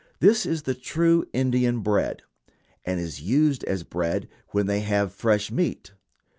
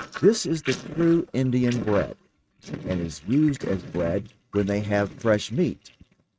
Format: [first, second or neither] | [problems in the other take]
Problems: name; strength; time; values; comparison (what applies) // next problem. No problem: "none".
first | noise reduction (neural mask model RNNoise)